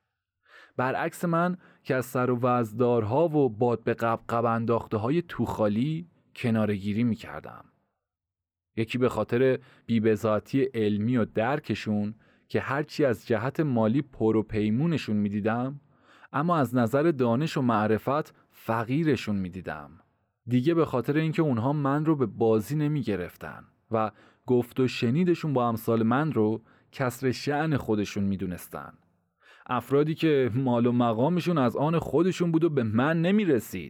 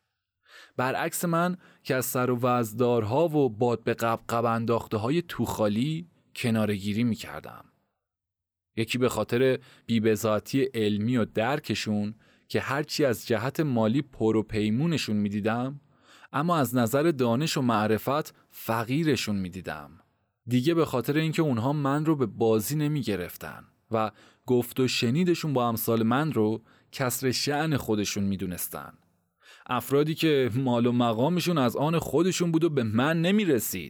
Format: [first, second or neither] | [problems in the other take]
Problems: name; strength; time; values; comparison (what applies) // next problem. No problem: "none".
second | muffled; slightly; fading above 3 kHz